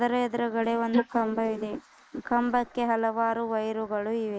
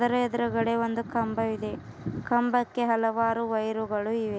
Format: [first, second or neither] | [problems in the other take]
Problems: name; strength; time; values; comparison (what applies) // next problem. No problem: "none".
second | noise reduction (neural mask model Resemble Enhance denoiser)